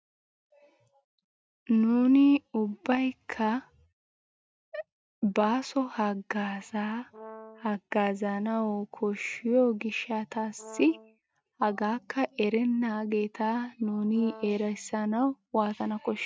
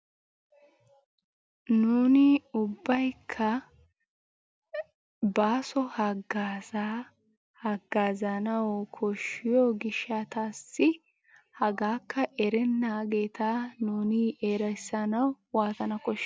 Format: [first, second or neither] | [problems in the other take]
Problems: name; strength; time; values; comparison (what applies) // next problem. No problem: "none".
second | noise reduction (neural mask model RNNoise)